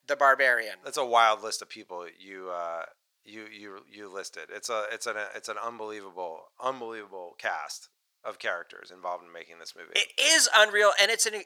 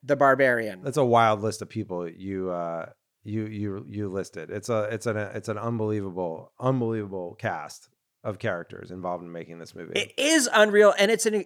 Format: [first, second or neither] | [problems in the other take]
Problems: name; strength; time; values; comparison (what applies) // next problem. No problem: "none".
second | thin; very; fading below 850 Hz